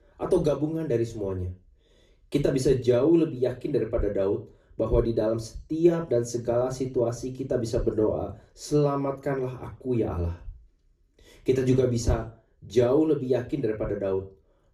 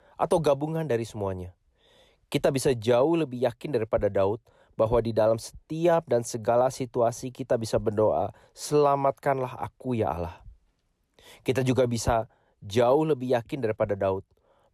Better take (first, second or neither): second